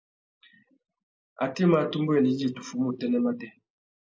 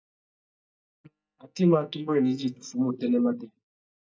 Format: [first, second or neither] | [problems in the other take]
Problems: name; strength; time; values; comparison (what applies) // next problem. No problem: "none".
first | noise reduction (neural mask model DeepFilterNet 3)